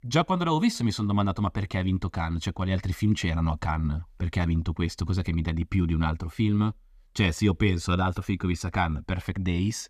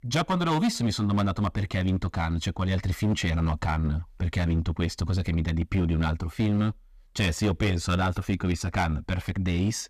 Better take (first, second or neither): first